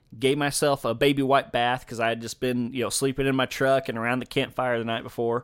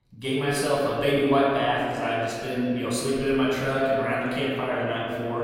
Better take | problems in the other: first | room echo; strong; dies away in 2.2 s // off-mic speech; far

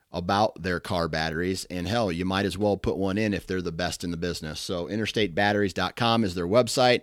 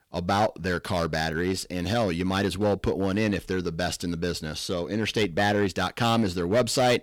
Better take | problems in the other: first | distortion; slight; 5% of the sound clipped

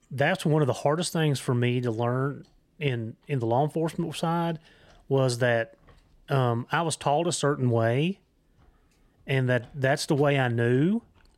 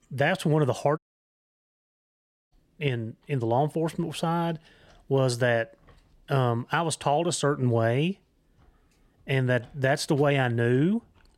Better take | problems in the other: first | audio cutting out; at 1 s for 1.5 s

